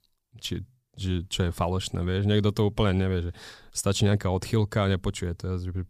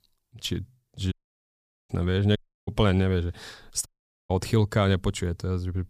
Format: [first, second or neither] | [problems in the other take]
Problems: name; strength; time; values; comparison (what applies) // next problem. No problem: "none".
first | audio cutting out; at 1 s for 1 s, at 2.5 s and at 4 s